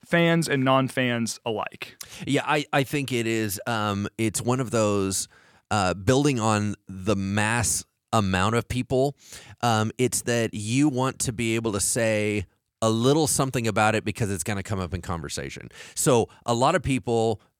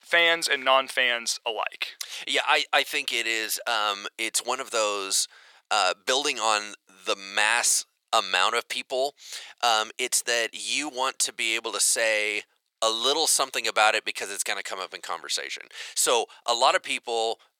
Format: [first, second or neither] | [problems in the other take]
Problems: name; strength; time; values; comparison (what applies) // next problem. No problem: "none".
first | thin; very; fading below 550 Hz